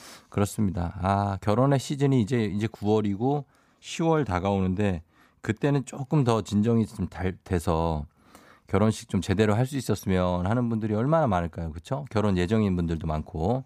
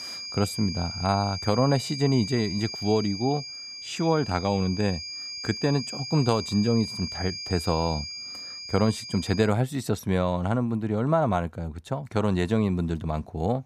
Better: first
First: none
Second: high-pitched whine; loud; until 9.5 s; 5 kHz, 8 dB below the speech

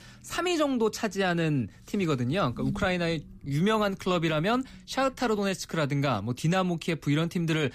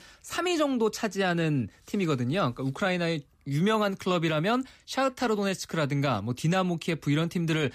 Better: second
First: low rumble; faint; throughout; 25 dB below the speech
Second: none

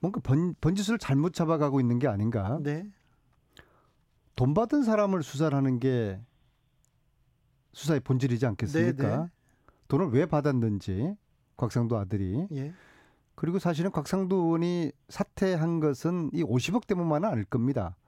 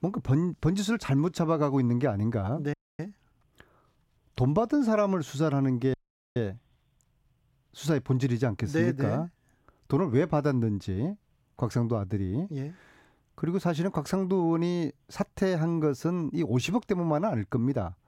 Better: first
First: none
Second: audio freezing; at 2.5 s and at 6 s

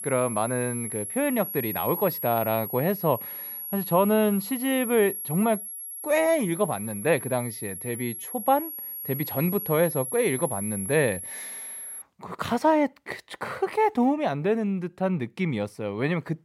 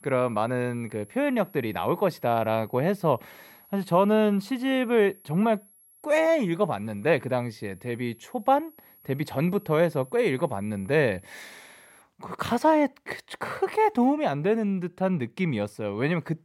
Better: second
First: high-pitched whine; loud; until 12 s; 11 kHz, 6 dB below the speech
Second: high-pitched whine; faint; until 12 s; 11 kHz, 25 dB below the speech

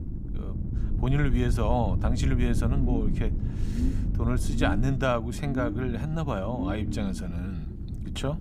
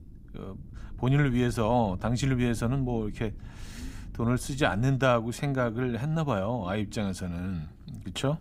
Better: second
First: low rumble; loud; throughout; 9 dB below the speech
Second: low rumble; faint; throughout; 25 dB below the speech

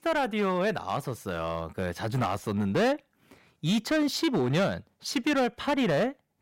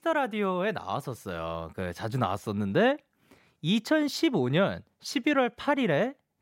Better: second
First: distortion; slight; 10% of the sound clipped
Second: none

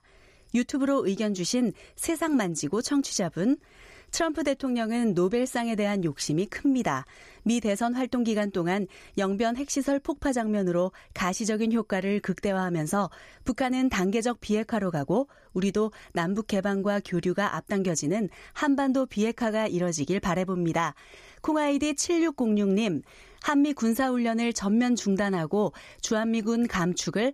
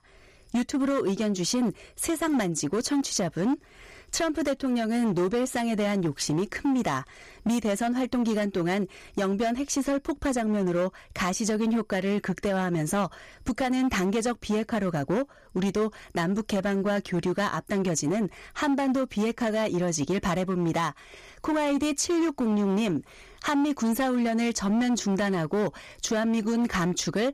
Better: first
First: none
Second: distortion; slight; 15% of the sound clipped

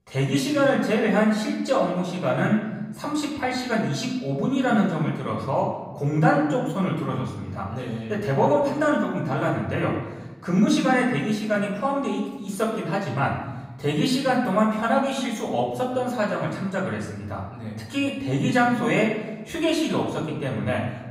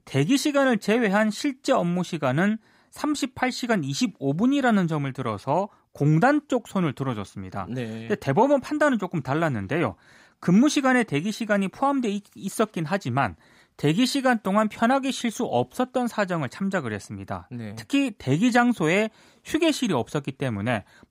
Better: second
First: off-mic speech; far // room echo; noticeable; dies away in 1 s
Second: none

